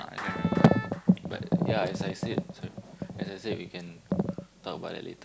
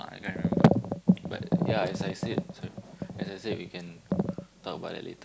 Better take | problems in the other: second | background sound (Wind instrument, woodwind instrument + Clapping); 16 dB below the speech

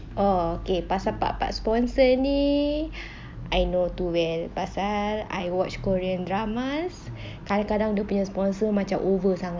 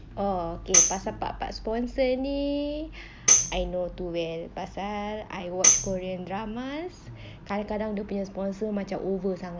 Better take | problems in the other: first | background sound (Tambourine); 4 dB above the speech

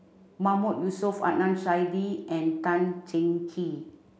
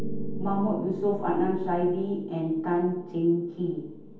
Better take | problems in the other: first | background sound (Piano); 7 dB below the speech // room echo; dies away in 0.5 s

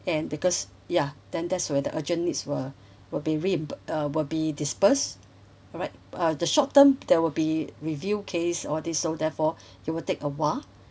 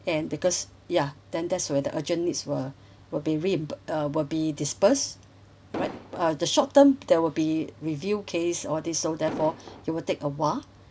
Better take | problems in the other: first | background sound (Explosion); 10 dB below the speech

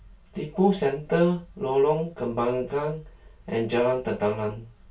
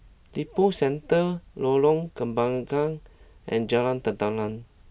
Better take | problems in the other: second | room echo; dies away in 0.2 s

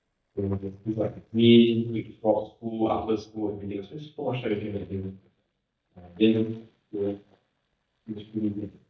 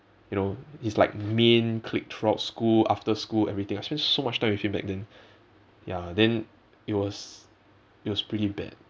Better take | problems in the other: second | noise reduction (neural mask model DeepFilterNet 3)

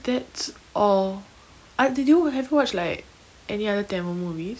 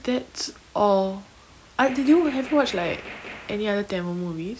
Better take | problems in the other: first | background sound (Gunshot, gunfire); 16 dB below the speech

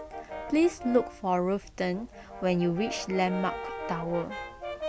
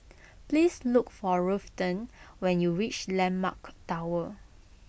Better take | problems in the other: second | background sound (Brass instrument); 9 dB below the speech

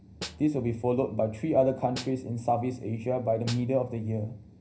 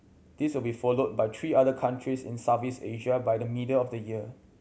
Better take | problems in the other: second | background sound (Snare drum); 16 dB below the speech // room echo; dies away in 0.5 s

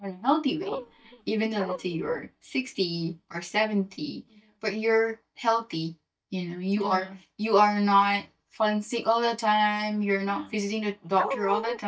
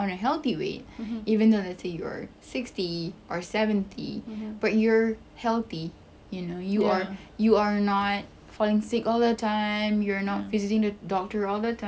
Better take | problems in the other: second | noise reduction (neural mask model DeepFilterNet 3)

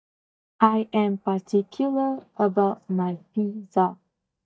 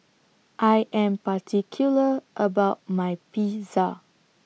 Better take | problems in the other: second | noise reduction (neural mask model DeepFilterNet 3)

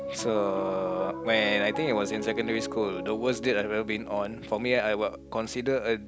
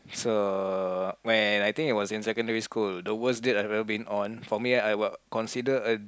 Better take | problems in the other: second | background sound (Piano); 9 dB below the speech

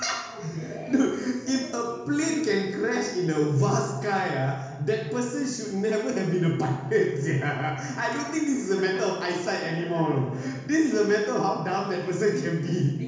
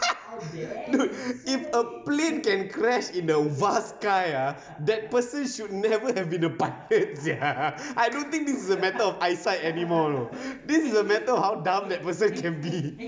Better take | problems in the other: second | room echo; dies away in 1.1 s

